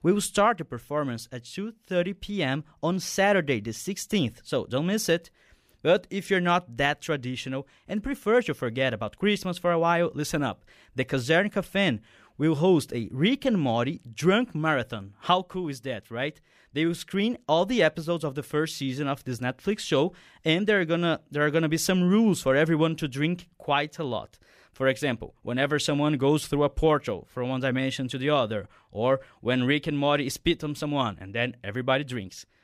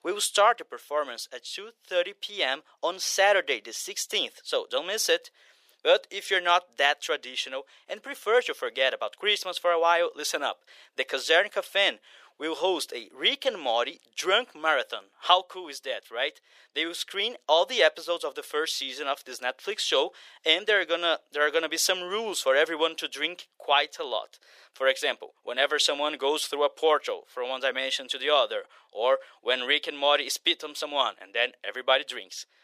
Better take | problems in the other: first | thin; very; fading below 450 Hz

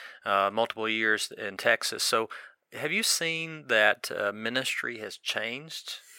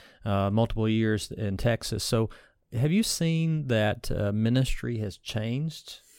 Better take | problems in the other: second | thin; very; fading below 550 Hz

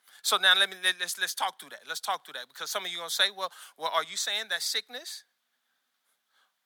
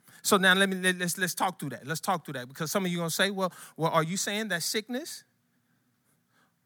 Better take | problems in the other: second | thin; very; fading below 750 Hz

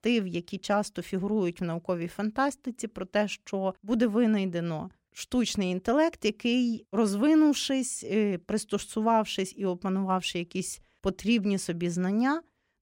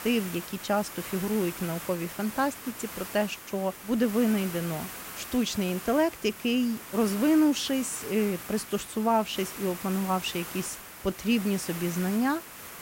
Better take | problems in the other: first | hiss; noticeable; throughout; 10 dB below the speech

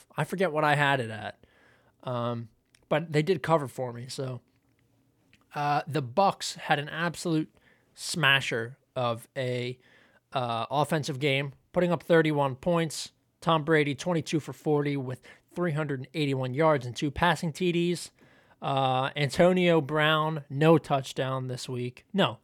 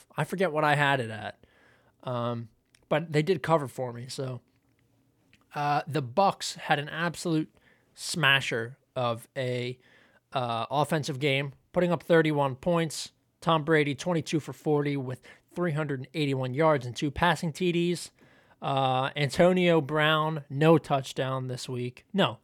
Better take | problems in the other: neither | none

